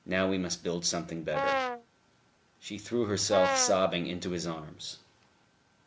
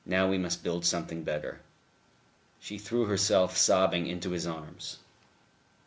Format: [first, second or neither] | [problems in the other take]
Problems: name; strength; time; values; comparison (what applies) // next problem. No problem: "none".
second | background sound (Brass instrument); as loud as the speech